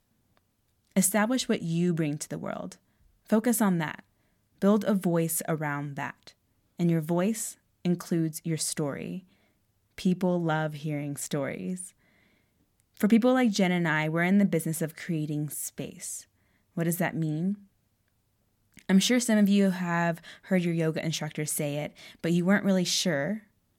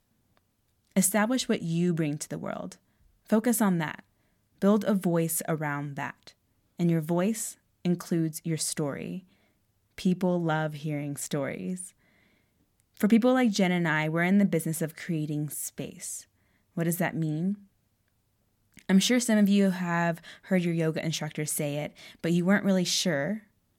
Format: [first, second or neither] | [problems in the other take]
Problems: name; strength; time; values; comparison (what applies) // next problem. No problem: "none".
neither | none